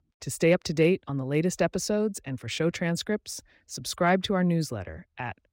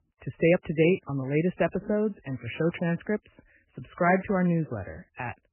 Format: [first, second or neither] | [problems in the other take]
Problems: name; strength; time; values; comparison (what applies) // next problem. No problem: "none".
first | garbled, watery; badly; nothing above 3 kHz